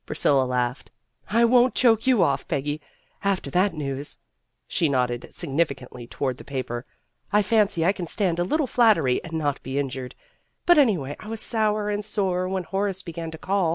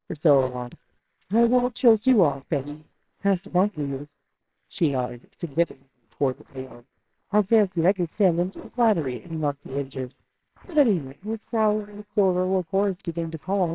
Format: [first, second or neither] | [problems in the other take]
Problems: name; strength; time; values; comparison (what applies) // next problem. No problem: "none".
first | noise reduction (neural separator model SepFormer WHAMR!)